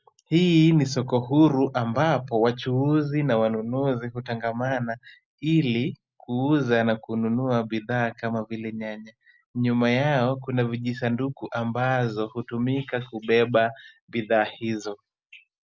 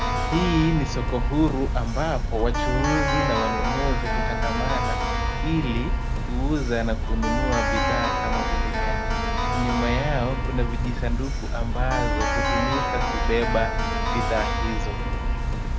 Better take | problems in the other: first | background sound (Keyboard (musical)); 4 dB above the speech

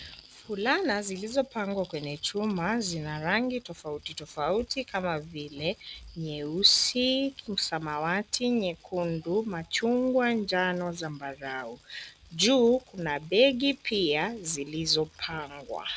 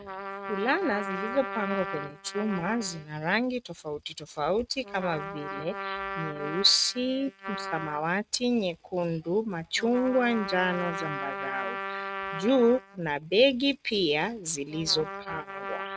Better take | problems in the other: first | noise reduction (neural mask model RNNoise)

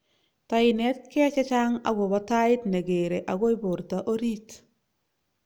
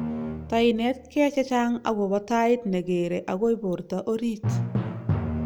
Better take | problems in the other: first | background sound (Drum); 7 dB below the speech

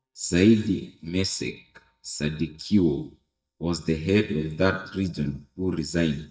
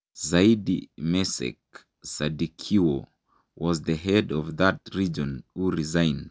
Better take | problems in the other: second | noise reduction (neural mask model DeepFilterNet 3)

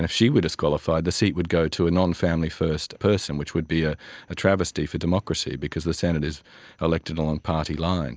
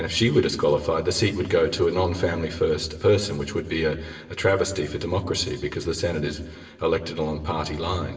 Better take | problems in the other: first | room echo; dies away in 1.3 s

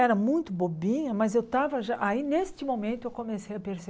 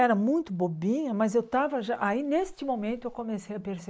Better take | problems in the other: first | noise reduction (neural mask model Resemble Enhance denoiser)

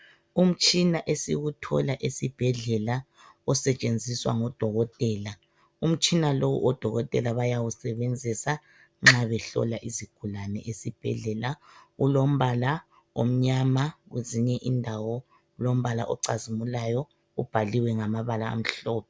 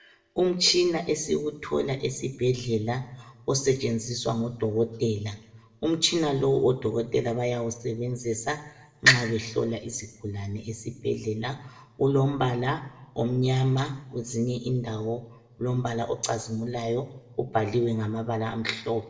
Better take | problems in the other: first | room echo; dies away in 0.6 s

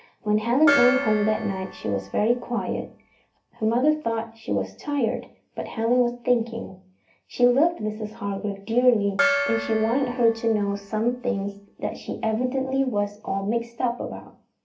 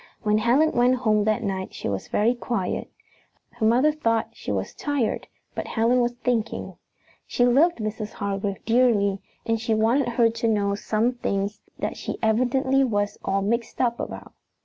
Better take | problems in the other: second | background sound (Gong); 7 dB below the speech // room echo; dies away in 0.3 s

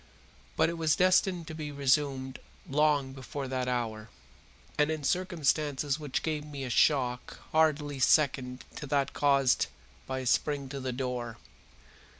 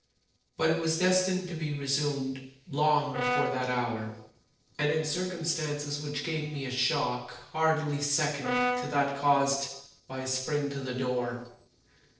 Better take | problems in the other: first | noise reduction (neural separator model SepFormer DNS4)

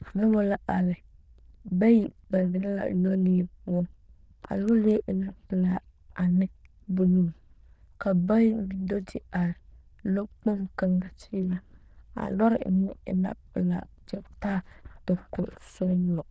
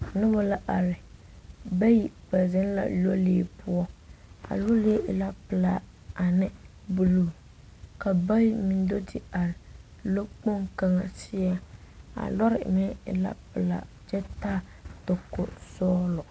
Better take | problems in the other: second | noise reduction (neural diffusion model UNIVERSE++)

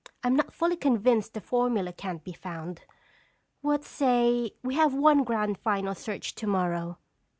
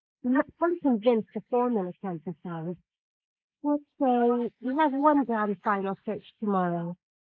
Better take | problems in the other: first | noise reduction (neural mask model Resemble Enhance denoiser)

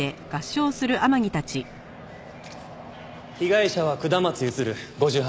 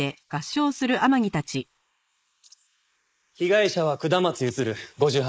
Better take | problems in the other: first | noise reduction (neural mask model Resemble Enhance denoiser)

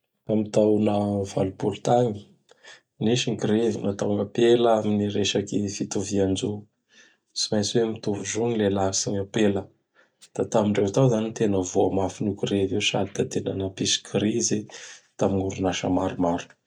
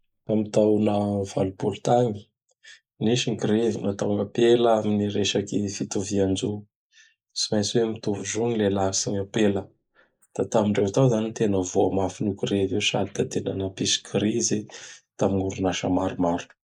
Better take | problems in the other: first | noise reduction (neural mask model Resemble Enhance denoiser)

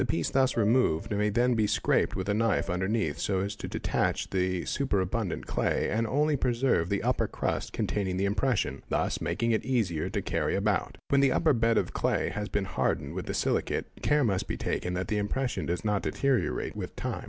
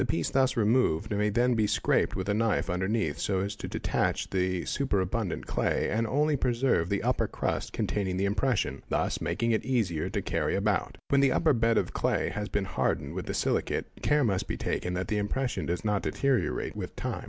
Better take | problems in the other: second | background sound (Piano); 13 dB below the speech

